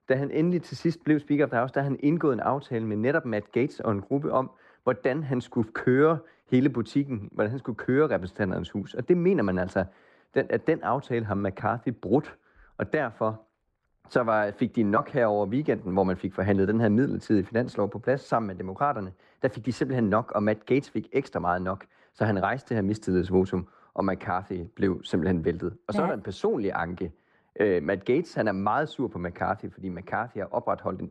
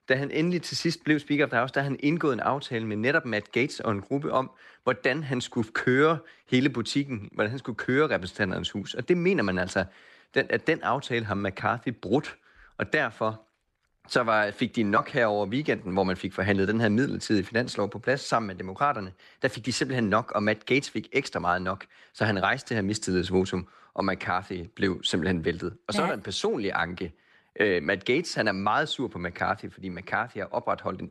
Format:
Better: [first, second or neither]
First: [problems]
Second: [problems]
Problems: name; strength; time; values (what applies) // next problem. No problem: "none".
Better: second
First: muffled; slightly; fading above 1.5 kHz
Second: none